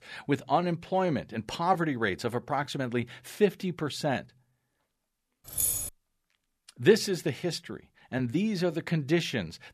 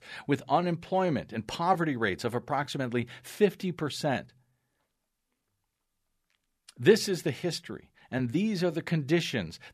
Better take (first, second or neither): second